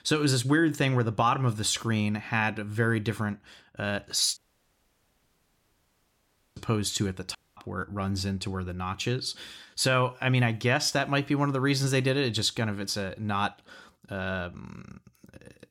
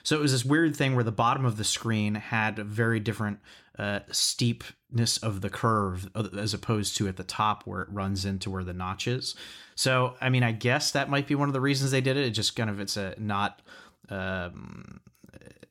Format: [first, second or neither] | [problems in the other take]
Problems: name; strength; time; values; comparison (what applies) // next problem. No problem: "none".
second | audio cutting out; at 4.5 s for 2 s and at 7.5 s